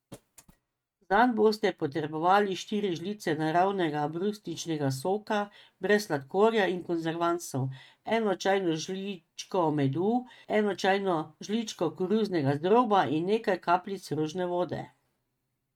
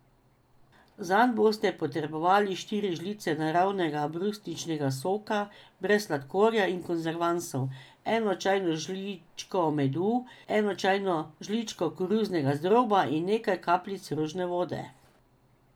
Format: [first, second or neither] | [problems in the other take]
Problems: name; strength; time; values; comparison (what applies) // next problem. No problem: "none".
second | noise reduction (neural mask model RNNoise)